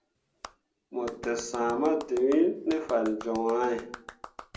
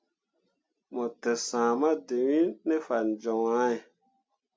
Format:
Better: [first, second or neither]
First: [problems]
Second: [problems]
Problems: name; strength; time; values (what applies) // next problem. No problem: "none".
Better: second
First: background sound (Clapping); 17 dB below the speech // room echo; dies away in 0.5 s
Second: none